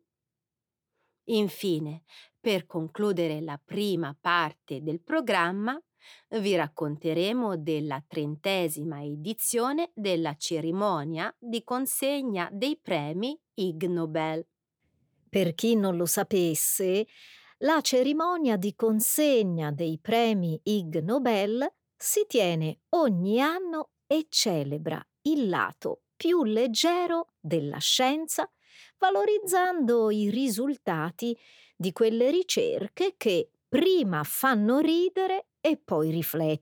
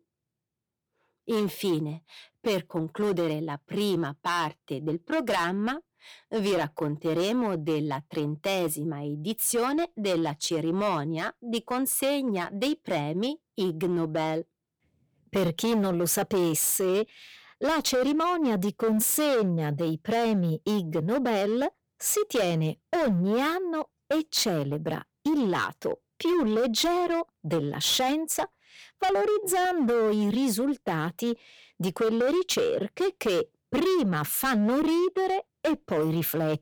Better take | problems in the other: first | distortion; slight; 13% of the sound clipped

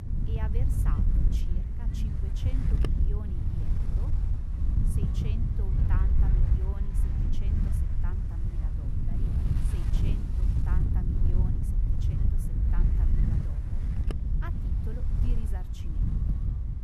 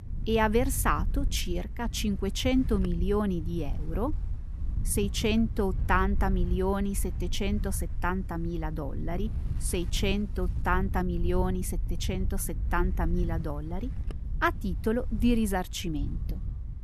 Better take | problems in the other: second | wind noise on the microphone; heavy; 5 dB above the speech; occasional gusts in the second

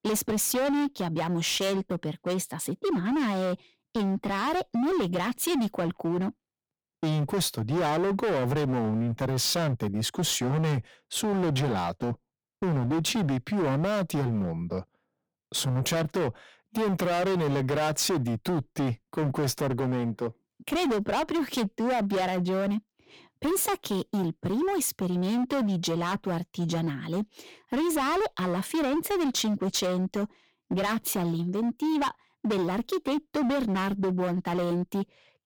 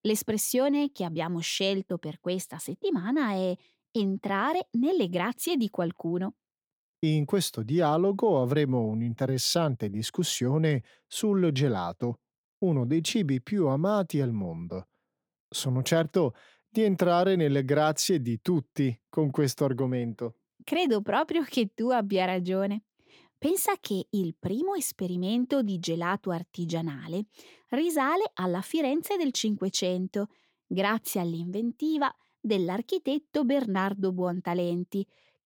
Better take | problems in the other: second | distortion; heavy; 25% of the sound clipped

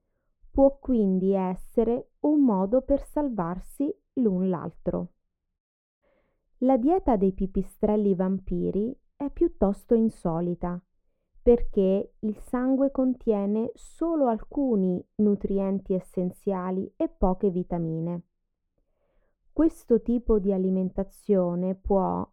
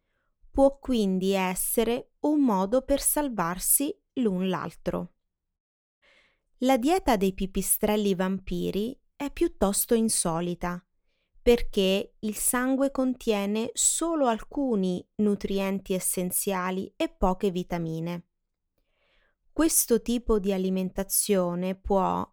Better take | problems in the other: second | muffled; very; fading above 2 kHz

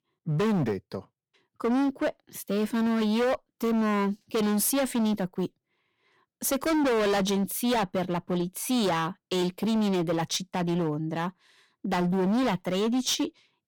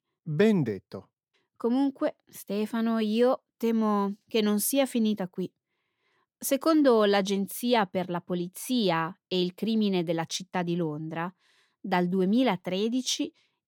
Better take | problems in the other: second | distortion; heavy; 22% of the sound clipped

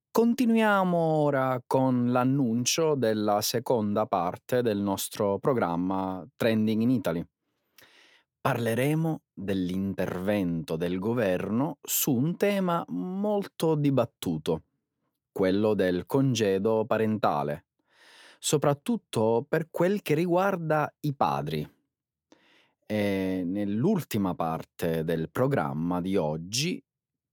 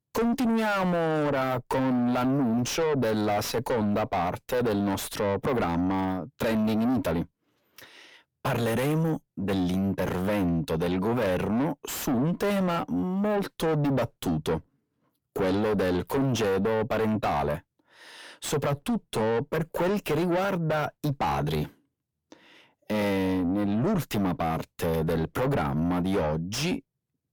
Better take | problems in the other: first | distortion; heavy; 5 dB below the speech

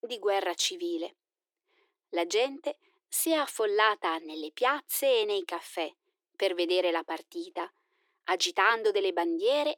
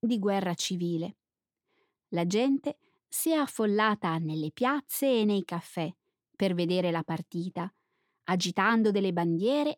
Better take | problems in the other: second | thin; very; fading below 350 Hz

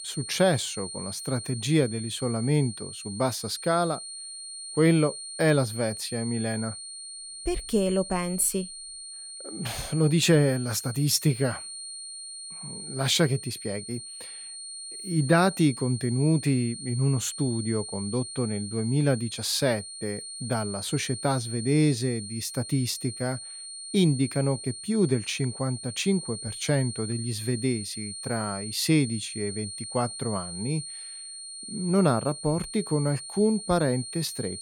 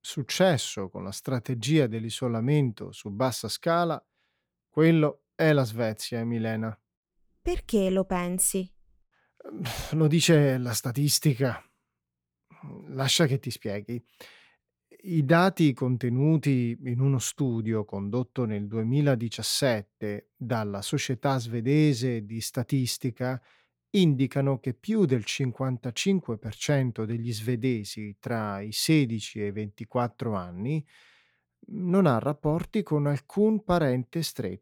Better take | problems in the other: second | high-pitched whine; loud; throughout; 9 kHz, 9 dB below the speech

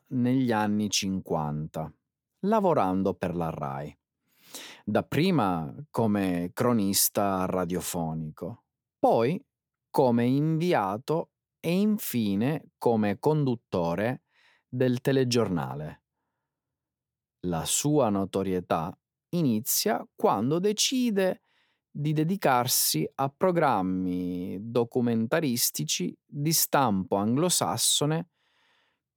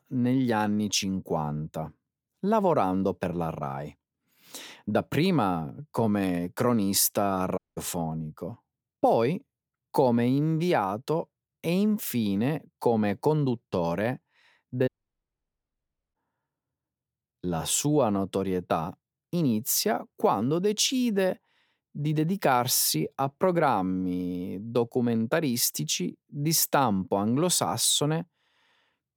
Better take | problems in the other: first | audio cutting out; at 7.5 s and at 15 s for 1.5 s

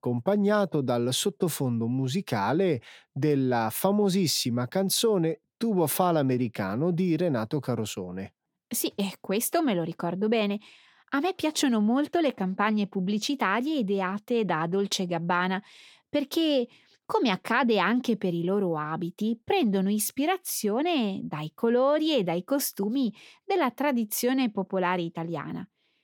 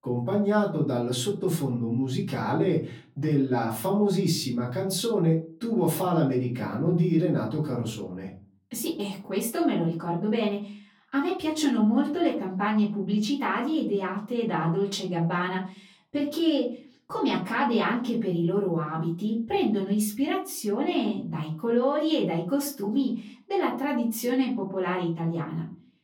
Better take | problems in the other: first | off-mic speech; far // room echo; slight; dies away in 0.4 s

